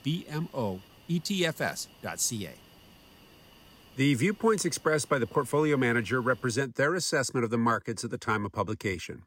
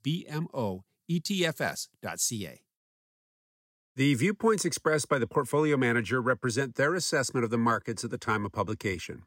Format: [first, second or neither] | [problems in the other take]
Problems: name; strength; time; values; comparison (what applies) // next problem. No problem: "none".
second | hiss; faint; until 6.5 s; 25 dB below the speech